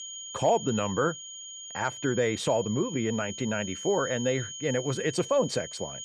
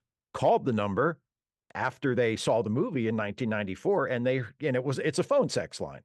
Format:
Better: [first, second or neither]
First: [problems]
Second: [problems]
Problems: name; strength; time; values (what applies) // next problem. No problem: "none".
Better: second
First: high-pitched whine; loud; throughout; 3 kHz, 9 dB below the speech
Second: none